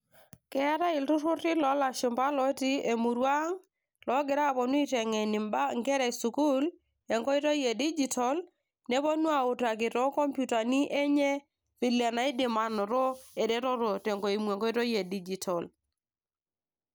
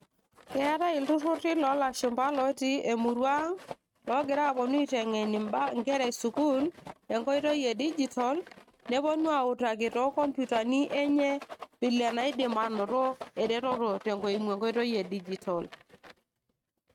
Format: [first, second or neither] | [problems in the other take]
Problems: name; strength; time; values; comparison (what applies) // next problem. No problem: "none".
first | noise reduction (neural mask model RNNoise)